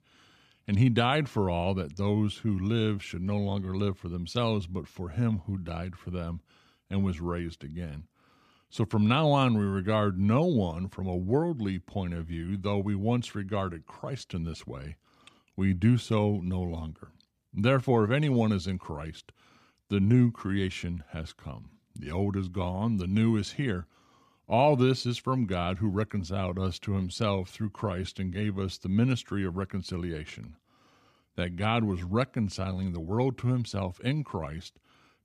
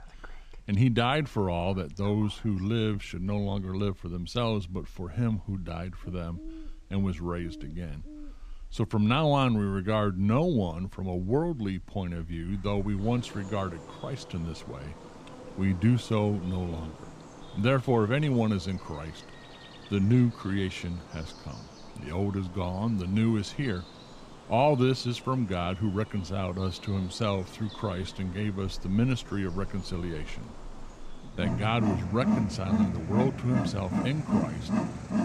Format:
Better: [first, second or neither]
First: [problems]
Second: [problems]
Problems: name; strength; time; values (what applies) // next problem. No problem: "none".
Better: first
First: none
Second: animal sounds; loud; throughout; 8 dB below the speech